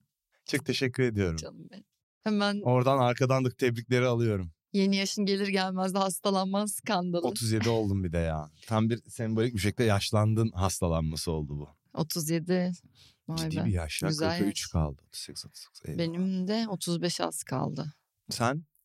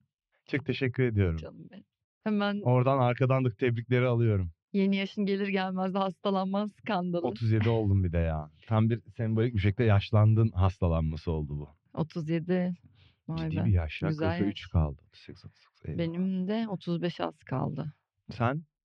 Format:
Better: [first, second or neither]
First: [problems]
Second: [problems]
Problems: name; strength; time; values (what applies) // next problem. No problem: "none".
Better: first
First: none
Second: muffled; very; fading above 3 kHz